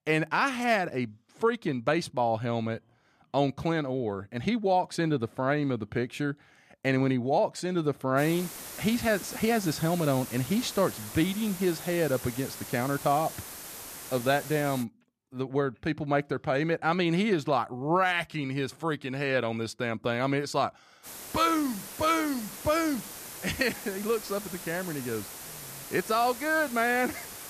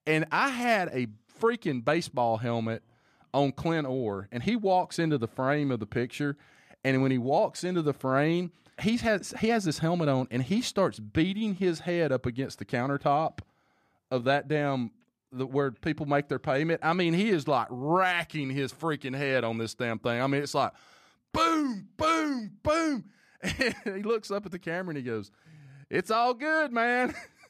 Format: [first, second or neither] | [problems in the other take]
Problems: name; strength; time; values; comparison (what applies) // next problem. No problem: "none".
second | hiss; noticeable; from 8 to 15 s and from 21 s on; 10 dB below the speech